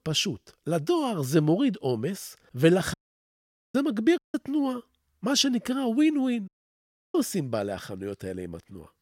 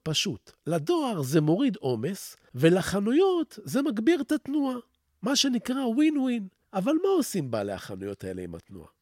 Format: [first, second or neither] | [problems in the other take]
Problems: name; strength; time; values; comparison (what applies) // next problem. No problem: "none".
second | audio cutting out; at 3 s for 1 s, at 4 s and at 6.5 s for 0.5 s